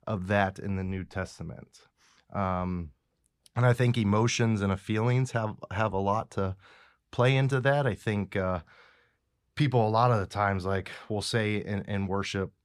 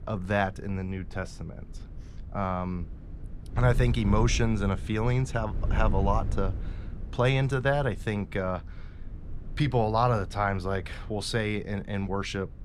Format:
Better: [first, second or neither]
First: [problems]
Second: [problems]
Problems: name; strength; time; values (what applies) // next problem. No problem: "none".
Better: first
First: none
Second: wind noise on the microphone; occasional gusts; 20 dB below the speech